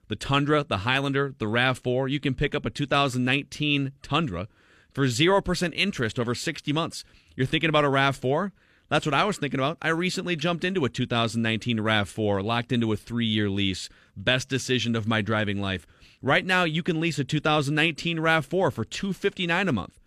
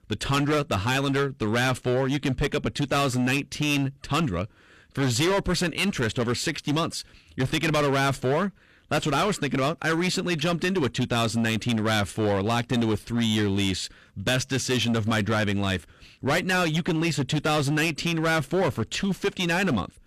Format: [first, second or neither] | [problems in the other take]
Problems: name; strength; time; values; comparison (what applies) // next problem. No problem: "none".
first | distortion; heavy; 17% of the sound clipped